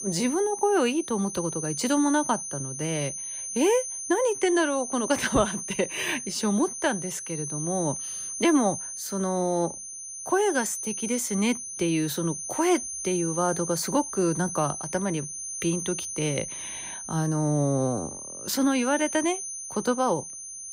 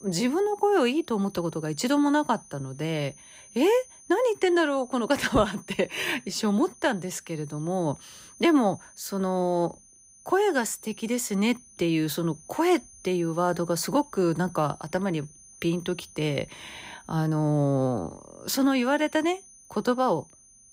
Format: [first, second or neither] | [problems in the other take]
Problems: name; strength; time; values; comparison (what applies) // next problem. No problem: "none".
second | high-pitched whine; loud; throughout; 6 kHz, 6 dB below the speech; faint in the second